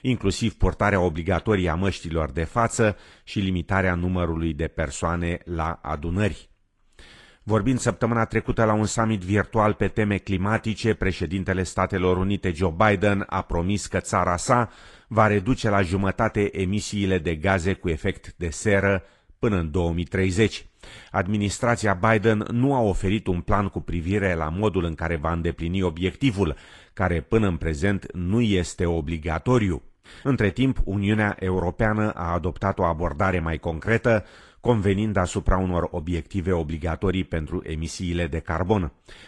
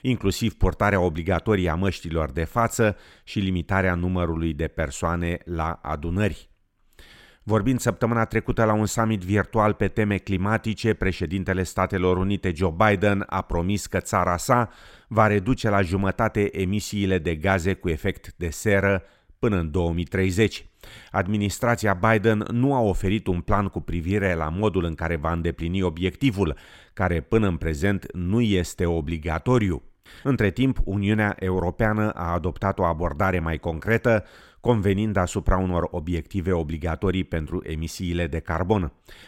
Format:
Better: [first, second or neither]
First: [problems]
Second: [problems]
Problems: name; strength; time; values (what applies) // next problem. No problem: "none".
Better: second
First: garbled, watery; slightly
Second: none